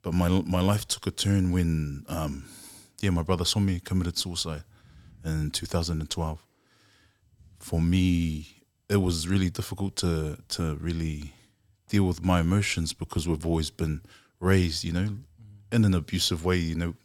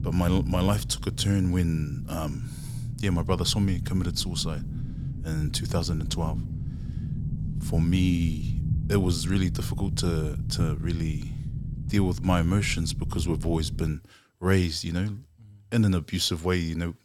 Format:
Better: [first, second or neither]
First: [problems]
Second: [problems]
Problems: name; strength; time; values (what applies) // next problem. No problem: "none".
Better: first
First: none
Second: low rumble; noticeable; until 14 s; 15 dB below the speech